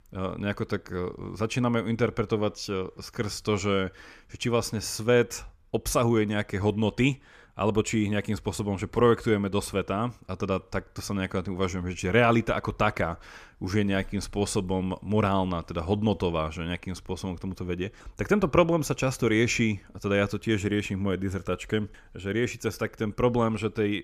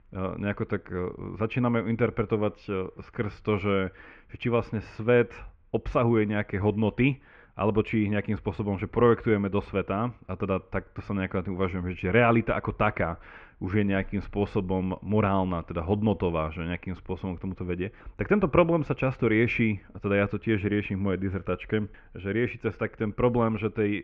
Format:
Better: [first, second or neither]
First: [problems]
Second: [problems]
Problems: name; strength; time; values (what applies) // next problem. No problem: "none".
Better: first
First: none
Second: muffled; very; fading above 2.5 kHz